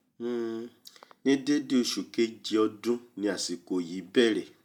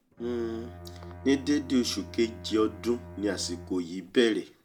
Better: first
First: none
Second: background sound (Bowed string instrument); 15 dB below the speech

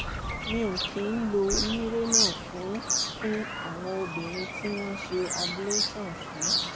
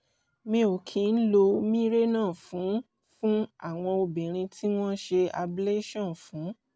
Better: second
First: background sound (Bird vocalization, bird call, bird song); 1 dB above the speech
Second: none

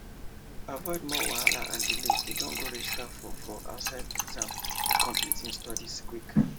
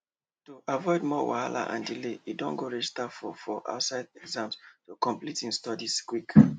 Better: second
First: background sound (Fill (with liquid) / Trickle, dribble / Glass); 5 dB above the speech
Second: none

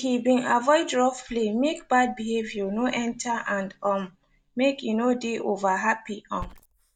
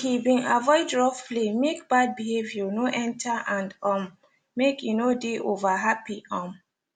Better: second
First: noise reduction (neural mask model DeepFilterNet 3)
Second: none

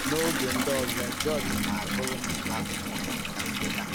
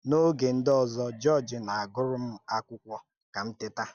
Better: second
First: background sound (Bathtub (filling or washing) / Water tap, faucet); 4 dB above the speech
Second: none

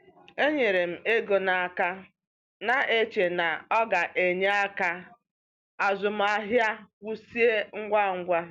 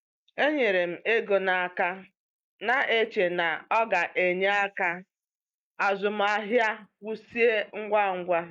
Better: first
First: none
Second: noise reduction (neural mask model Resemble Enhance denoiser)

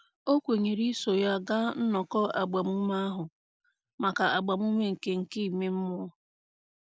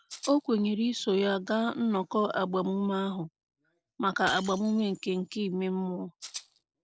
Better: first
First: none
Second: noise reduction (neural separator model SepFormer DNS4)

